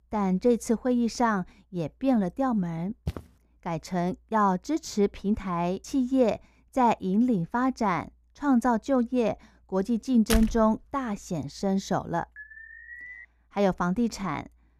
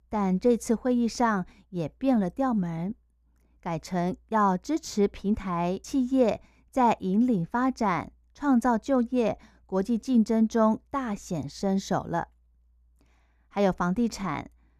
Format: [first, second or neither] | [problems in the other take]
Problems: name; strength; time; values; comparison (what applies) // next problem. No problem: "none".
second | footsteps; faint; at 3 s; peak 10 dB below the speech // door banging; noticeable; at 10 s; peak 3 dB below the speech // alarm; faint; at 12 s; peak 15 dB below the speech